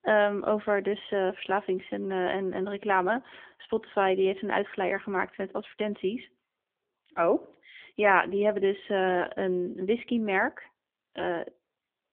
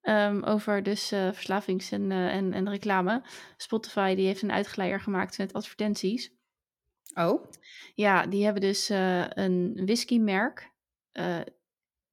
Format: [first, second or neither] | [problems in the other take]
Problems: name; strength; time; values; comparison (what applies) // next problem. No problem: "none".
second | phone-call audio; nothing above 3 kHz